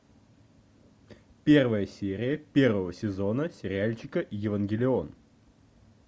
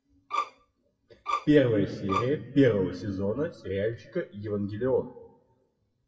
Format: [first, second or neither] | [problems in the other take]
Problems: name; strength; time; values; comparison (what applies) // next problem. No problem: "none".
first | noise reduction (classical method WPE with log-MMSE)